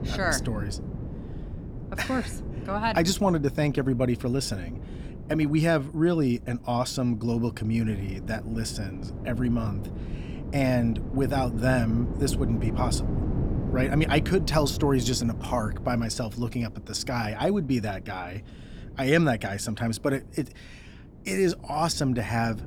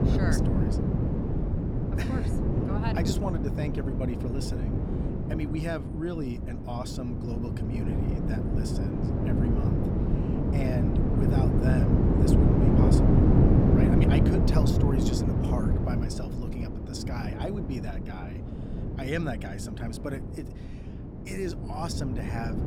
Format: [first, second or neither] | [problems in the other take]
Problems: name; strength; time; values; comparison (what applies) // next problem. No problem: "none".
first | wind noise on the microphone; heavy; 4 dB above the speech; occasional gusts in the first